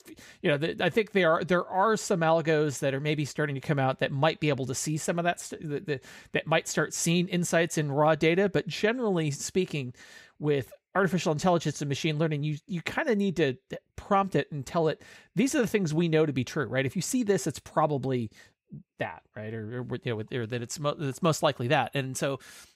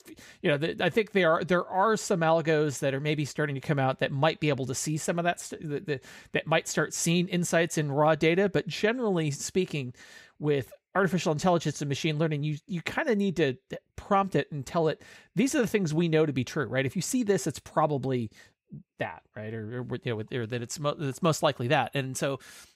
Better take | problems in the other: neither | none

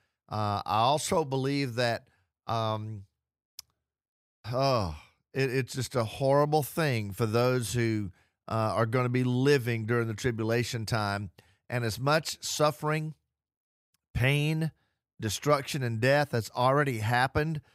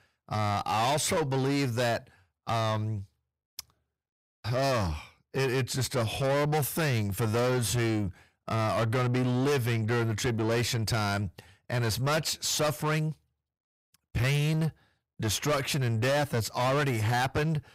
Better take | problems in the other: first | distortion; heavy; 6 dB below the speech

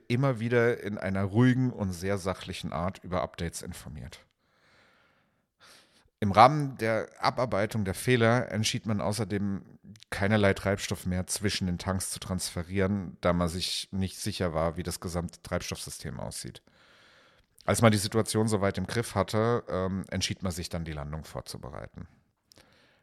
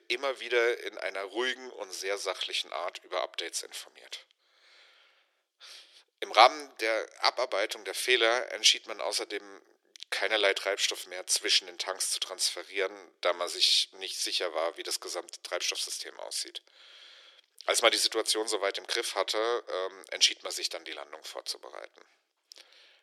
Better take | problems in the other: first | thin; very; fading below 350 Hz

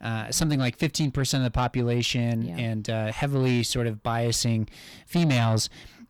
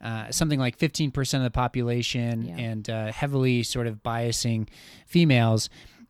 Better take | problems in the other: second | distortion; slight; 10 dB below the speech

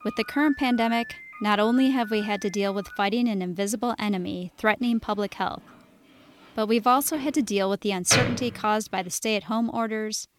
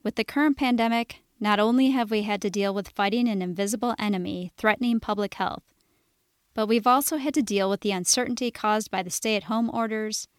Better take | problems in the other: second | door banging; loud; until 8.5 s; peak 1 dB above the speech

